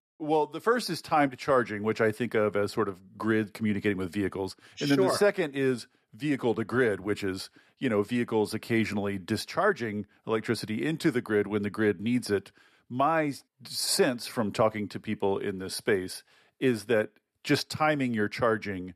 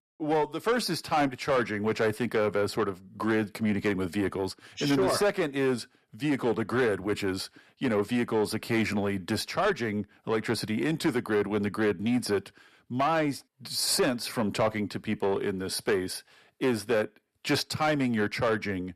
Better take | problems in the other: first | distortion; slight; 10 dB below the speech

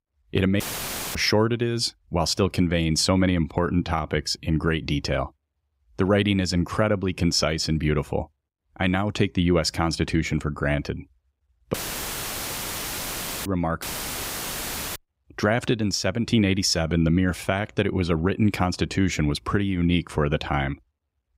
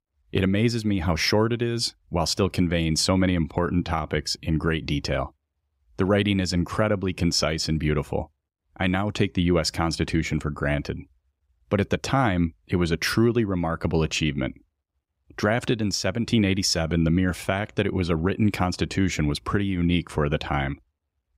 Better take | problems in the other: second | audio cutting out; filled with static; at 0.5 s for 0.5 s, at 12 s for 1.5 s and at 14 s for 1 s

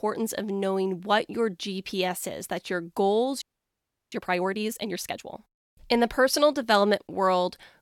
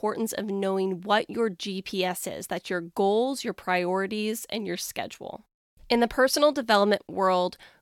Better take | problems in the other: second | audio freezing; at 3.5 s for 0.5 s

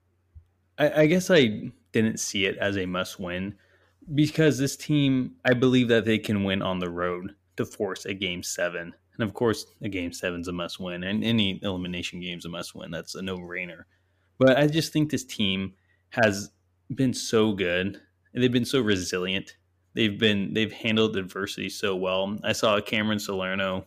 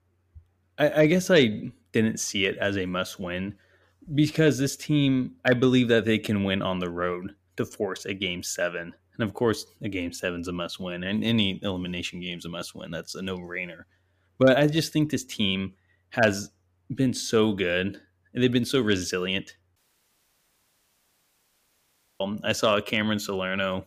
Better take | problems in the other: first | audio cutting out; at 20 s for 2.5 s

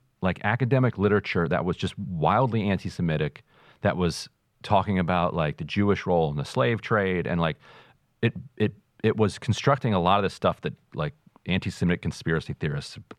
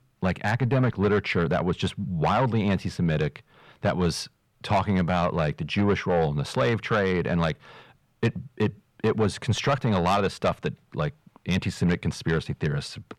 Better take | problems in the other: first | distortion; slight; 10 dB below the speech

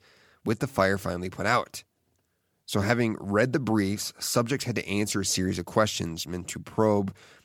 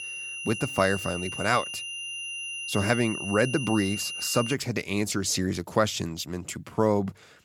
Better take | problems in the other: first | high-pitched whine; loud; until 4.5 s; 3 kHz, 6 dB below the speech

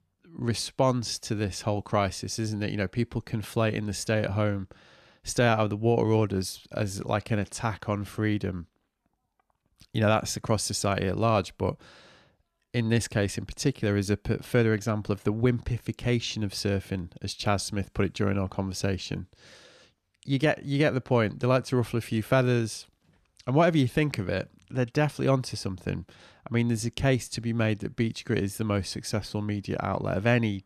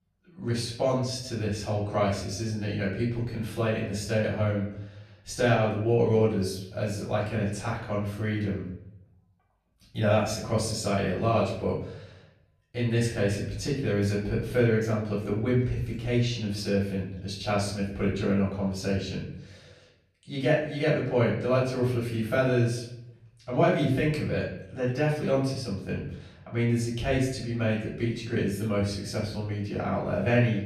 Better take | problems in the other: first | off-mic speech; far // room echo; noticeable; dies away in 0.6 s

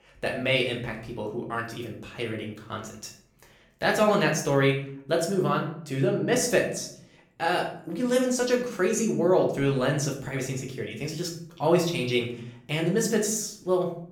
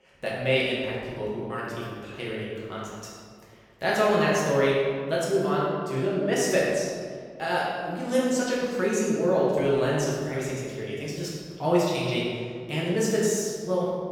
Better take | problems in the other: first | room echo; strong; dies away in 1.7 s; slight in the first // off-mic speech; far; far in the first

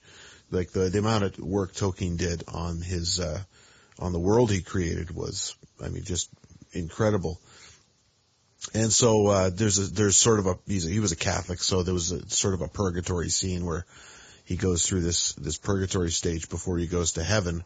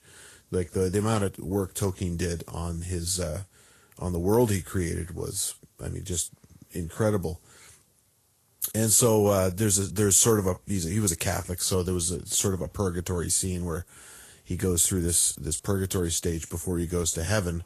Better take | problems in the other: second | garbled, watery; badly; nothing above 7.5 kHz; slightly in the second

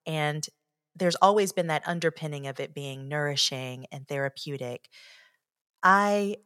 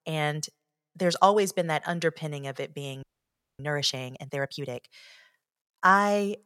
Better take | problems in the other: first | audio freezing; at 3 s for 0.5 s

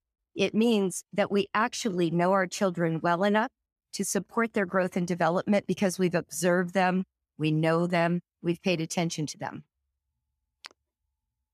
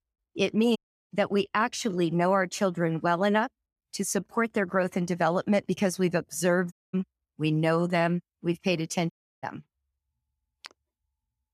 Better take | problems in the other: first | audio cutting out; at 1 s, at 6.5 s and at 9 s

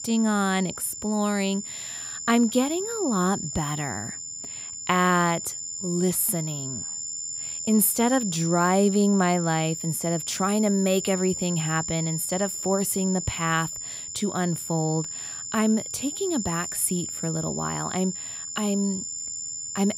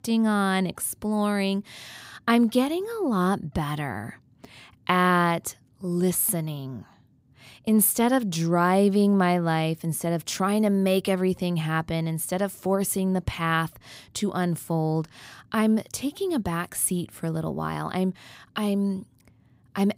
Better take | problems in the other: second | high-pitched whine; loud; throughout; 7 kHz, 6 dB below the speech

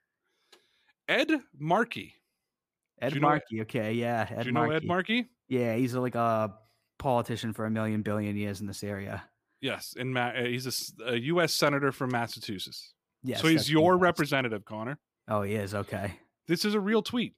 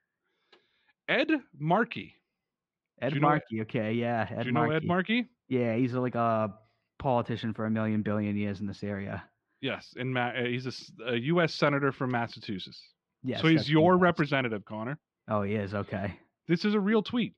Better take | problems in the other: first | muffled; very slightly; fading above 4 kHz

